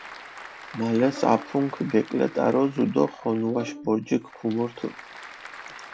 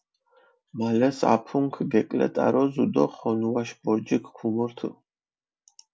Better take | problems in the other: second | background sound (Applause / Crowd + Bowed string instrument); 16 dB below the speech

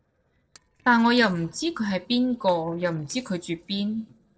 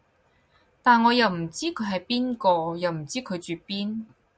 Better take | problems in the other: second | noise reduction (neural separator model SepFormer DNS4)

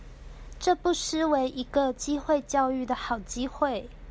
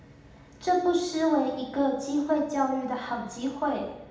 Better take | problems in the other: first | room echo; dies away in 0.8 s

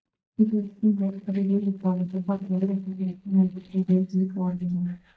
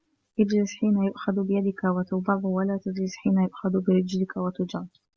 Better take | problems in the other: second | noise reduction (neural mask model DeepFilterNet 3)

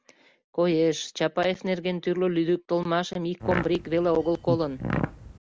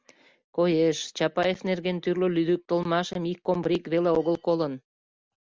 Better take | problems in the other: second | background sound (Fart); 6 dB below the speech

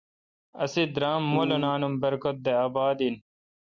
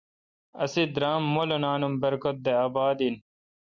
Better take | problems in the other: second | background sound (Piano); 1 dB below the speech

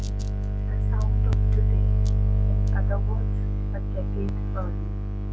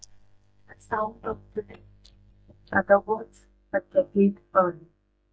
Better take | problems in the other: first | noise reduction (neural mask model DeepFilterNet 3)

